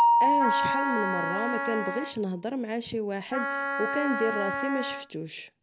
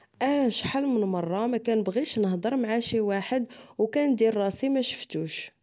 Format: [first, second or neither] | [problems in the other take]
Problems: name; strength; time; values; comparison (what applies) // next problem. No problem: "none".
second | background sound (Mallet percussion + Wind instrument, woodwind instrument); 3 dB above the speech